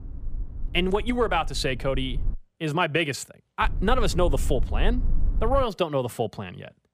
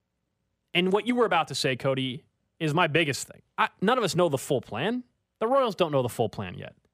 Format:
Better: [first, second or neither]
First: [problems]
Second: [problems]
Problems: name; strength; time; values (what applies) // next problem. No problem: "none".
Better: second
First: low rumble; faint; until 2.5 s and from 3.5 to 5.5 s; 25 dB below the speech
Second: none